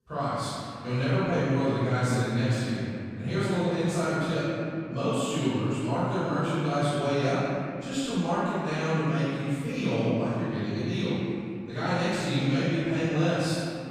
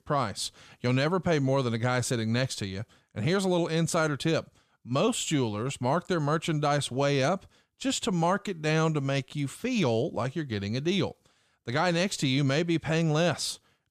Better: second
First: off-mic speech; far // room echo; strong; dies away in 2.6 s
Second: none

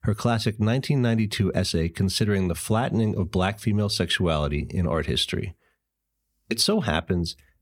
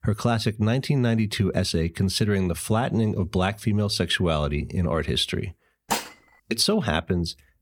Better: first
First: none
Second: clattering dishes; noticeable; at 6 s; peak 4 dB below the speech

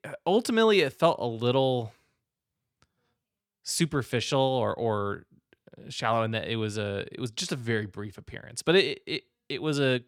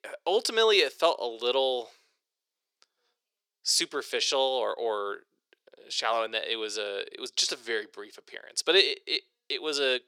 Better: first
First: none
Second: thin; very; fading below 400 Hz

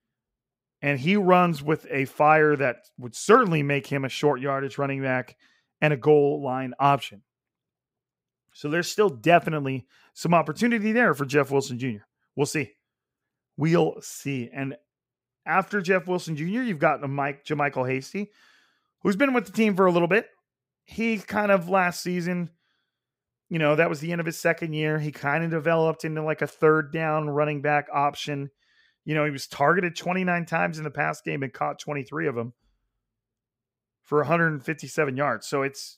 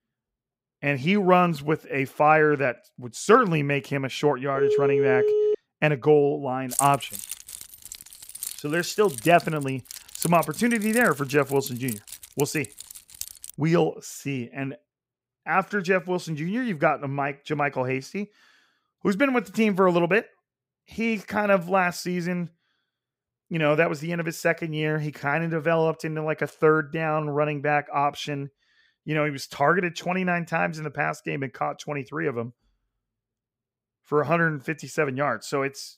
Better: first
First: none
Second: phone ringing; loud; from 4.5 to 5.5 s; peak 3 dB above the speech // jangling keys; noticeable; from 6.5 to 14 s; peak 3 dB below the speech

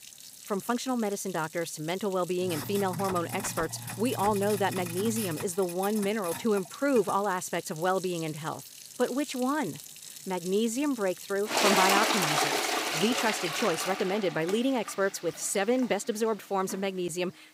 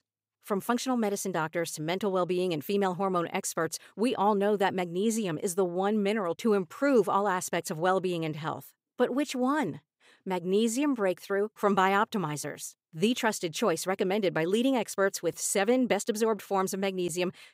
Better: second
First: household noises; loud; throughout; 3 dB below the speech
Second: none

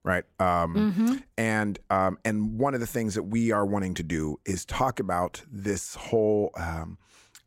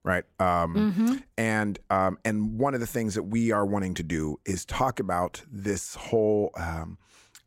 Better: neither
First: none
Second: none

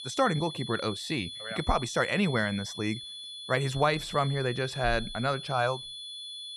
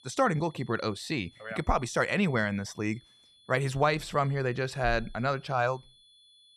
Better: second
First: high-pitched whine; loud; throughout; 3.5 kHz, 9 dB below the speech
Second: high-pitched whine; faint; throughout; 3.5 kHz, 30 dB below the speech

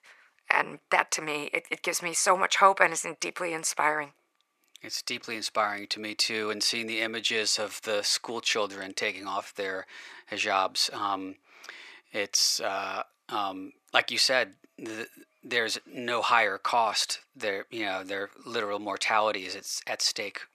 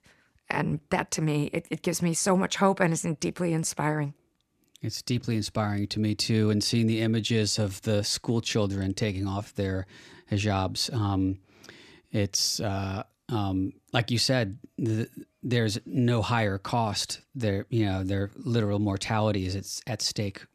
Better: second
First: thin; very; fading below 650 Hz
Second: none

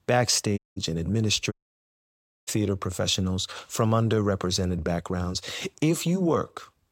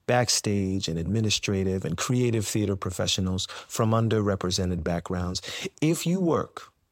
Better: second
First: audio cutting out; at 0.5 s and at 1.5 s for 1 s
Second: none

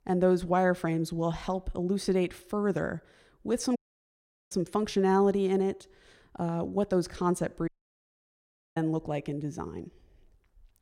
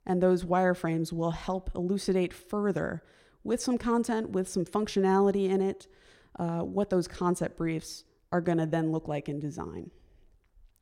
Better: second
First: audio cutting out; at 4 s for 1 s and at 7.5 s for 1 s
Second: none

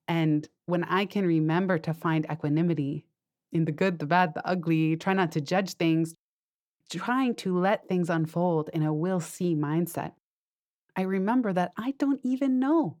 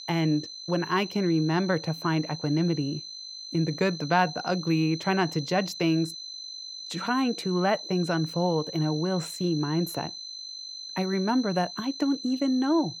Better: first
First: none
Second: high-pitched whine; loud; throughout; 4 kHz, 10 dB below the speech

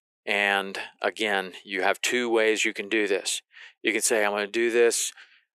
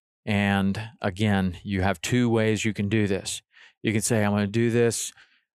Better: second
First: thin; very; fading below 350 Hz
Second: none

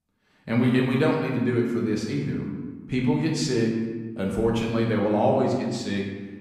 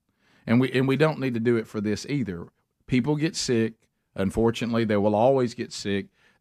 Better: second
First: room echo; noticeable; dies away in 1.3 s // off-mic speech; somewhat distant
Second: none

